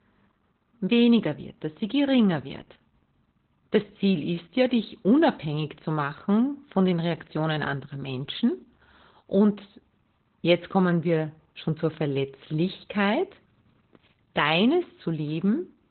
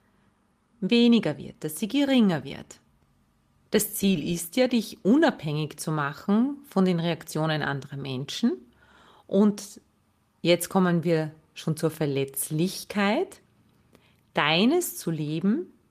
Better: second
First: garbled, watery; badly; nothing above 4 kHz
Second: garbled, watery; slightly; nothing above 14.5 kHz

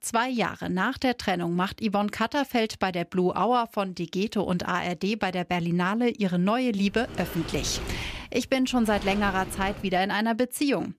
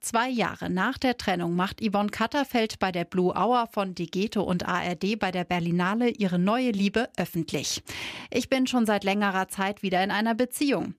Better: second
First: door banging; noticeable; from 7 to 10 s; peak 8 dB below the speech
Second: none

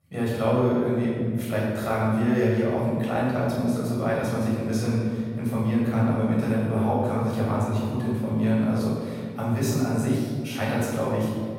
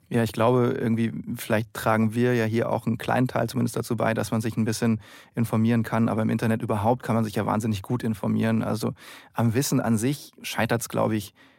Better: second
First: room echo; strong; dies away in 2.3 s // off-mic speech; far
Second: none

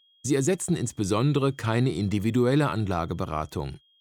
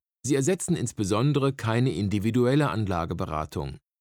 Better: second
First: high-pitched whine; faint; throughout; 3.5 kHz, 35 dB below the speech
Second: none

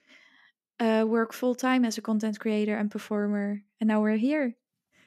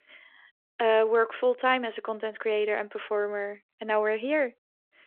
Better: first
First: none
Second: phone-call audio

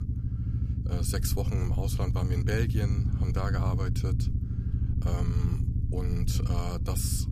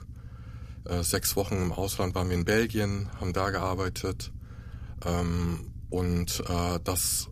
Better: second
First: low rumble; loud; throughout; 4 dB below the speech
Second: low rumble; faint; throughout; 25 dB below the speech

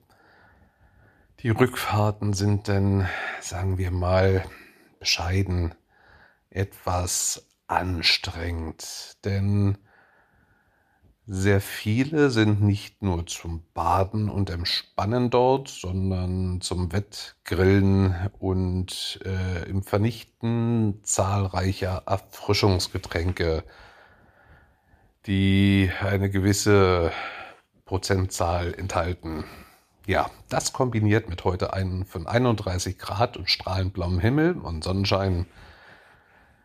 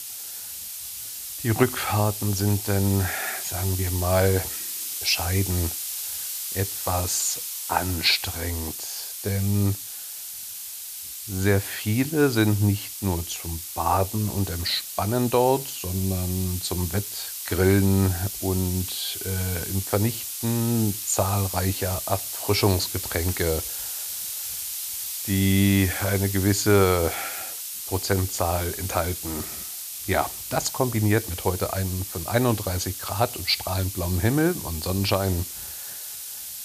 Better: first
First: none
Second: hiss; loud; throughout; 5 dB below the speech

